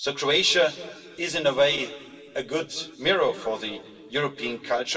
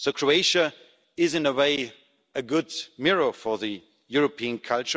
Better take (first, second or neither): second